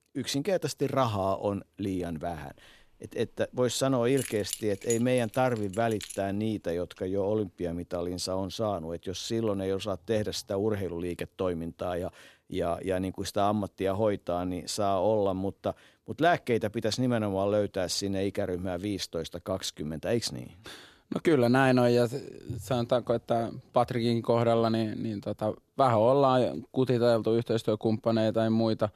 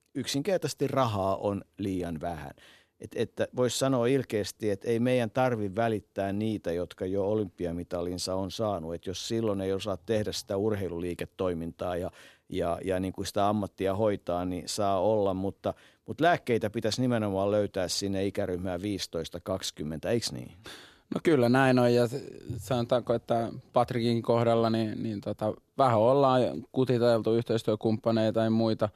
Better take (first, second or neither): second